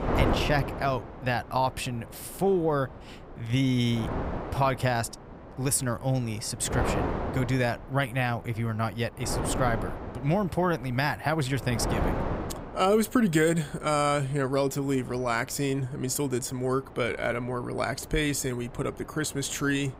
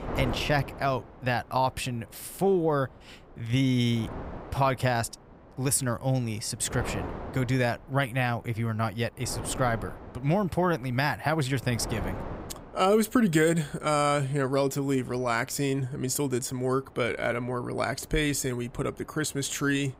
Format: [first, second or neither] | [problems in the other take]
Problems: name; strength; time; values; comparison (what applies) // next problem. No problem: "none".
second | wind noise on the microphone; heavy; 8 dB below the speech; occasional gusts in the second